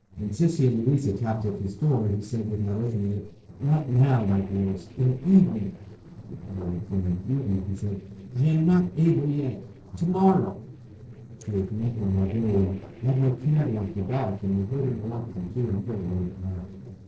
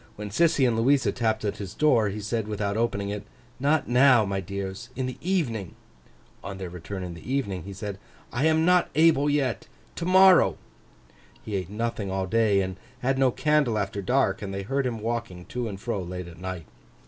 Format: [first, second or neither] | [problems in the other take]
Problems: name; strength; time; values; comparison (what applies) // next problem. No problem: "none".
second | noise reduction (neural separator model SepFormer DNS4)